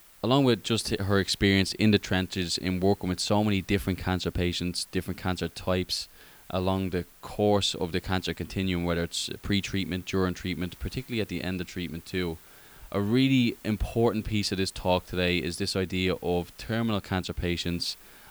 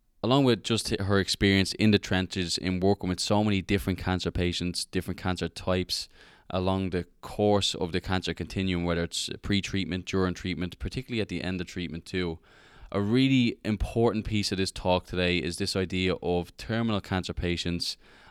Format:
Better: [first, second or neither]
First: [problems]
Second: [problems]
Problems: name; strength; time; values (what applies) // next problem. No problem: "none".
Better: second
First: hiss; faint; throughout; 25 dB below the speech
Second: none